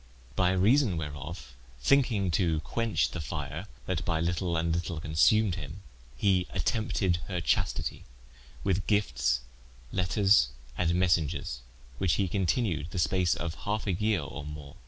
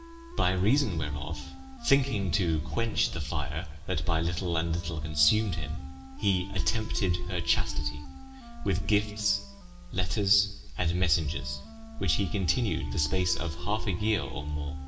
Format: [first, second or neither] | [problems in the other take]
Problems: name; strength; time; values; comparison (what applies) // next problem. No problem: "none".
first | background sound (Wind instrument, woodwind instrument); 20 dB below the speech // room echo; dies away in 0.9 s